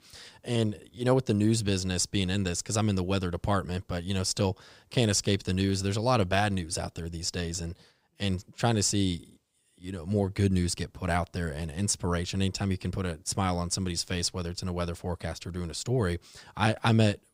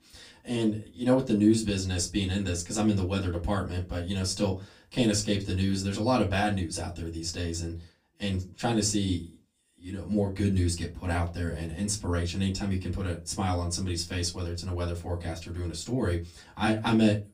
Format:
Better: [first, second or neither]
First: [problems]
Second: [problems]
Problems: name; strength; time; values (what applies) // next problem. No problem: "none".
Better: first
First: none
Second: off-mic speech; far // room echo; very slight; dies away in 0.2 s